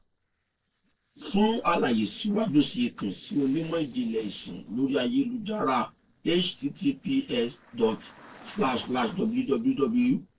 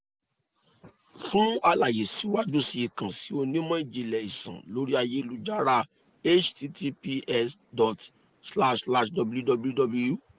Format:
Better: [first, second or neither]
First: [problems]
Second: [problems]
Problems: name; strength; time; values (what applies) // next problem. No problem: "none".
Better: second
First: noise reduction (neural separator model SepFormer DNS4)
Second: none